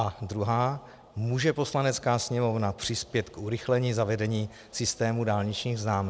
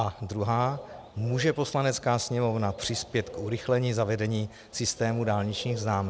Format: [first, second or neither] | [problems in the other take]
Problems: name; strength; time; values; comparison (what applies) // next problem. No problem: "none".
first | background sound (Bird); 16 dB below the speech